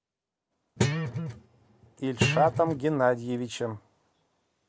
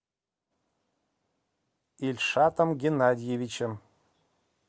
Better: second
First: background sound (Guitar); 1 dB below the speech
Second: none

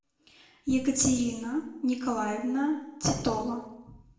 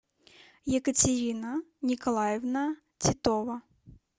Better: second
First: room echo; dies away in 0.8 s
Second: none

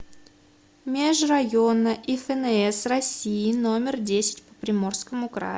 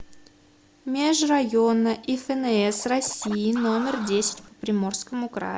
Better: first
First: none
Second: background sound (Scratching (performance technique)); 14 dB below the speech

